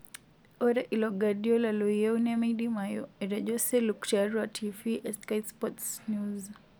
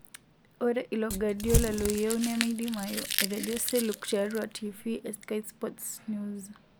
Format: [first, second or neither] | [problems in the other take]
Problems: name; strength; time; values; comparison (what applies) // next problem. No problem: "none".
first | background sound (Crumpling, crinkling / Crushing); 2 dB below the speech